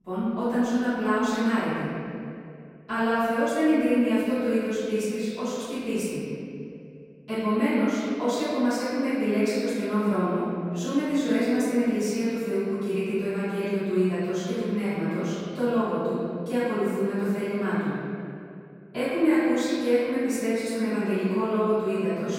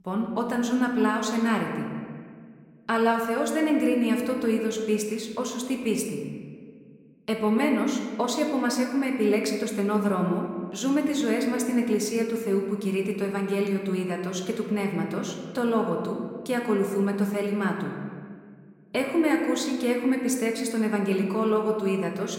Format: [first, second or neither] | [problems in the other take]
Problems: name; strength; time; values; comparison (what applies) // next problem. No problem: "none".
second | room echo; strong; dies away in 2.6 s; slight in the second // off-mic speech; far